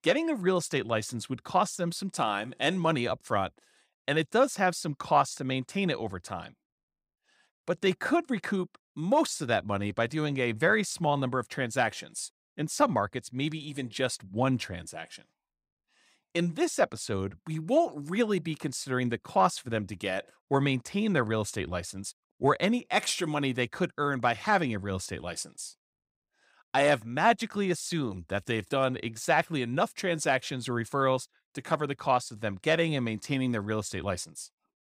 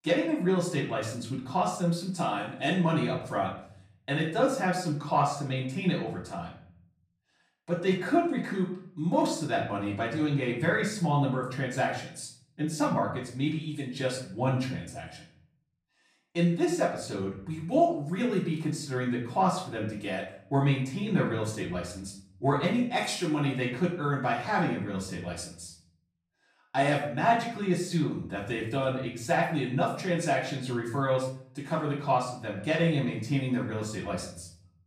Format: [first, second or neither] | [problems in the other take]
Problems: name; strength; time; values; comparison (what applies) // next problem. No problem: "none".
first | off-mic speech; far // room echo; noticeable; dies away in 0.5 s